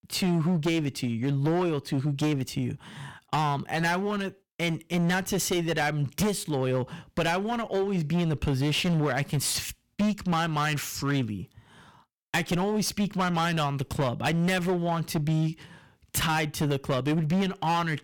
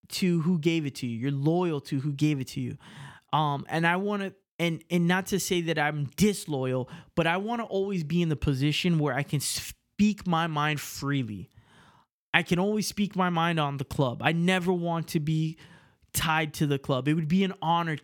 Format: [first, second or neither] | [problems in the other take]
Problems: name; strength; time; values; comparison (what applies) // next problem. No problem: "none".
second | distortion; heavy; 17% of the sound clipped